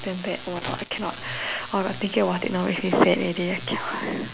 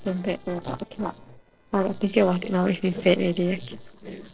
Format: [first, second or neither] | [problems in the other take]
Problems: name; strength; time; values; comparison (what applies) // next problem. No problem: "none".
first | noise reduction (neural separator model SepFormer DNS4)